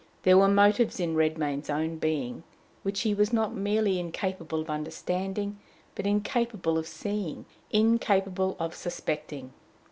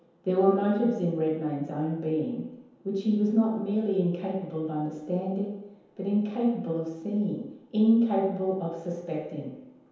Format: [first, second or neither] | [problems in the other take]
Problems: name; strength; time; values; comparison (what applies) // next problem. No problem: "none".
first | room echo; dies away in 0.9 s